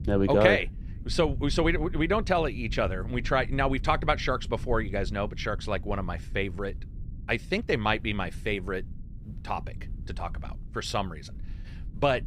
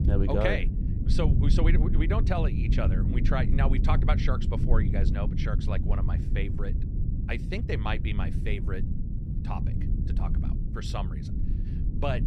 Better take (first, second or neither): first